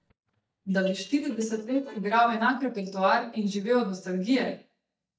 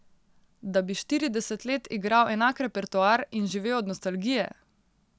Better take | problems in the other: second | noise reduction (neural mask model DeepFilterNet 3)

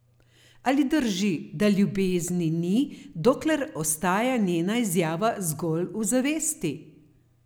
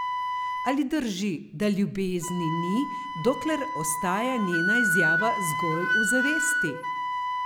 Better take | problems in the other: first | background sound (Wind instrument, woodwind instrument); as loud as the speech

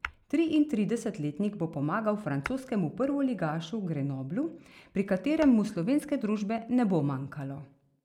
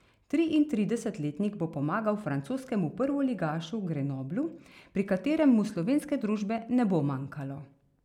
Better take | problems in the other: second | noise reduction (neural mask model Resemble Enhance denoiser)

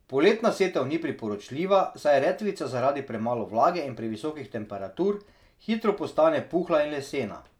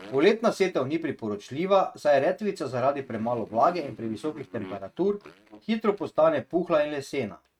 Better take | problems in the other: first | noise reduction (neural mask model RNNoise)

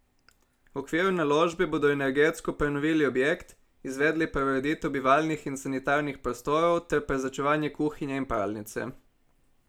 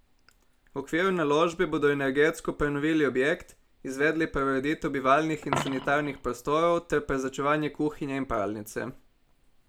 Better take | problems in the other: first | background sound (Coin (dropping)); 16 dB below the speech

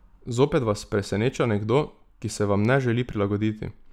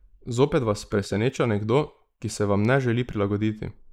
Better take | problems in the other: first | noise reduction (neural mask model Resemble Enhance denoiser)

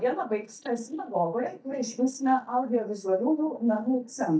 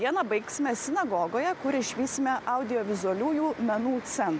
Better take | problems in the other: second | noise reduction (neural mask model DeepFilterNet 3)

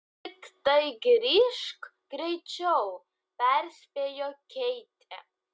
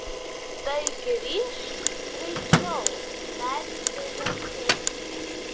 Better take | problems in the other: first | background sound (Microwave oven + Camera); 5 dB above the speech

